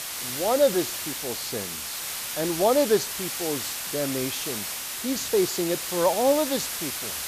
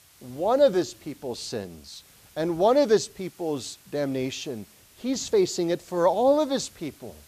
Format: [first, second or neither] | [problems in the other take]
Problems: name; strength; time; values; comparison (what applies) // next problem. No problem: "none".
second | hiss; loud; throughout; 3 dB below the speech; faint in the second